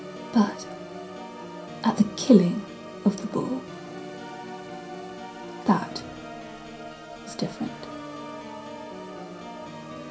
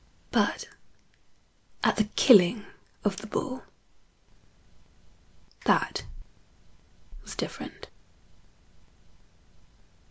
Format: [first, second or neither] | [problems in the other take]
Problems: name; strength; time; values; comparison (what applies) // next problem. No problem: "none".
second | background sound (Organ); 10 dB below the speech // room echo; dies away in 0.3 s